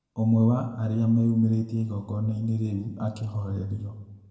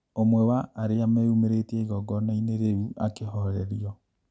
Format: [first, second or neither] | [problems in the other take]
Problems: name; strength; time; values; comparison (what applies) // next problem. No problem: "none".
second | room echo; dies away in 0.9 s